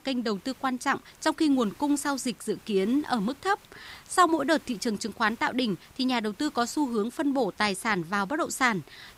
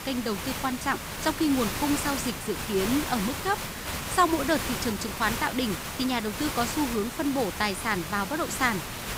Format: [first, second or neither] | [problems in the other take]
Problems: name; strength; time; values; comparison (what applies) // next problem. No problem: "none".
first | hiss; loud; throughout; 4 dB below the speech; faint in the first